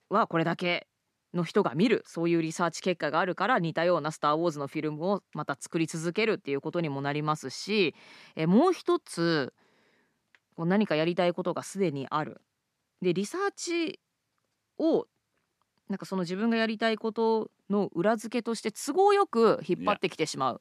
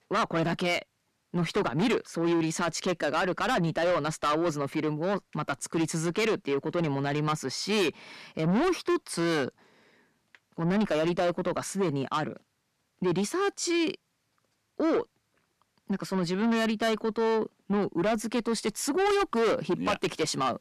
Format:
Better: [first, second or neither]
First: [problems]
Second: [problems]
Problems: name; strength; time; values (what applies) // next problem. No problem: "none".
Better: first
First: none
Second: distortion; heavy; 7 dB below the speech